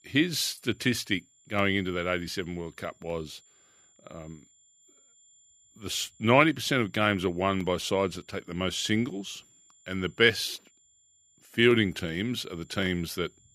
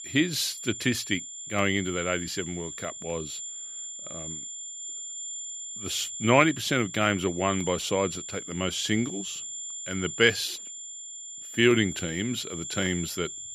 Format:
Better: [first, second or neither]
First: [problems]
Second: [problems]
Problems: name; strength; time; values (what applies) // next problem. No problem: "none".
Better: first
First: high-pitched whine; faint; throughout; 7 kHz, 30 dB below the speech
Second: high-pitched whine; loud; throughout; 7 kHz, 9 dB below the speech